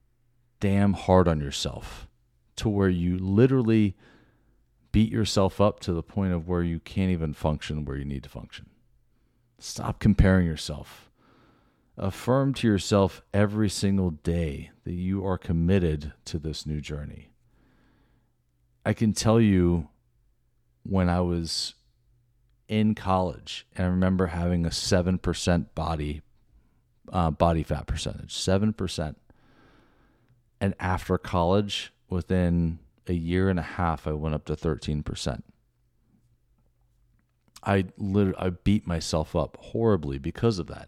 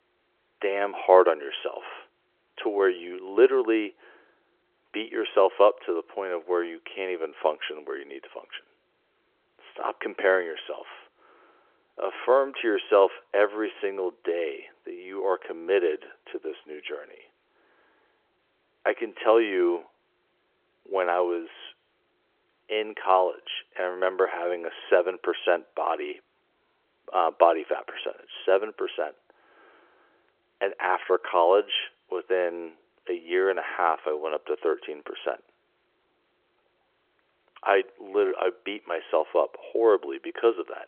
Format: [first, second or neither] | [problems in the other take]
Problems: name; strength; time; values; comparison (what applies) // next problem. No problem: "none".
first | phone-call audio; nothing above 3.5 kHz